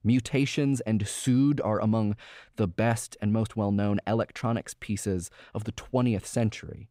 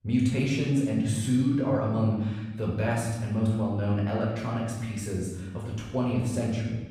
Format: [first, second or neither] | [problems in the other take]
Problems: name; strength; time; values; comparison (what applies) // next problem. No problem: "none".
first | off-mic speech; far // room echo; noticeable; dies away in 1.2 s